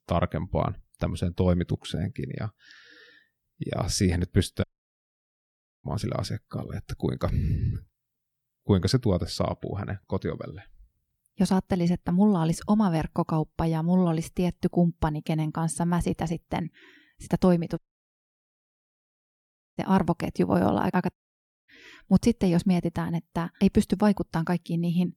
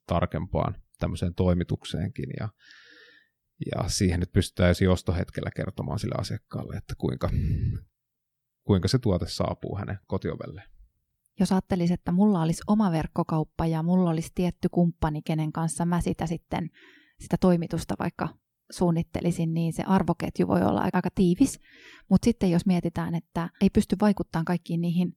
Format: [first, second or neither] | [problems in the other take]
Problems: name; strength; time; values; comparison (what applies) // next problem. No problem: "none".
second | audio cutting out; at 4.5 s for 1 s, at 18 s for 2 s and at 21 s for 0.5 s